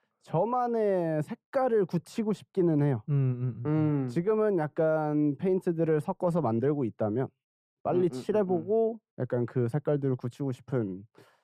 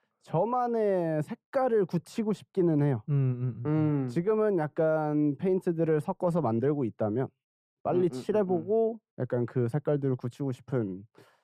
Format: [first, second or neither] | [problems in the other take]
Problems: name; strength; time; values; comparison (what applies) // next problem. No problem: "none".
neither | muffled; very; fading above 2 kHz; the same in both